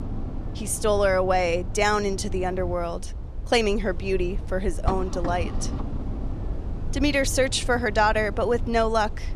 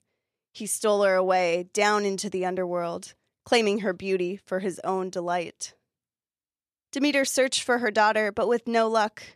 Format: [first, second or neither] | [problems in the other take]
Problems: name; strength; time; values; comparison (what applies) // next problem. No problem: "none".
second | low rumble; noticeable; throughout; 20 dB below the speech